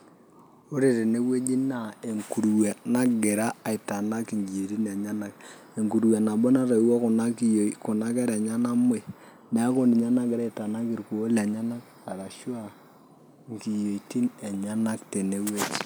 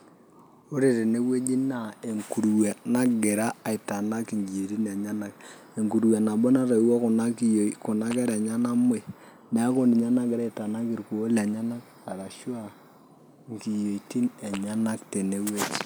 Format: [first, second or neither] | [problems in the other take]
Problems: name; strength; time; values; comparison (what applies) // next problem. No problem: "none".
first | background sound (Fart); 18 dB below the speech